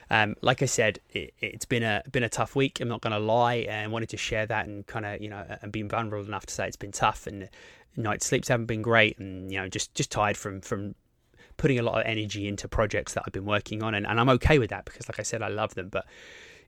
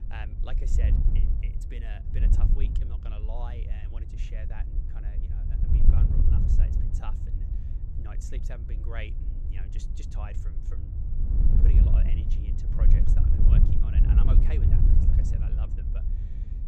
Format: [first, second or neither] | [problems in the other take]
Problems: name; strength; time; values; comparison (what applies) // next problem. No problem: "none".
first | wind noise on the microphone; heavy; 2 dB above the speech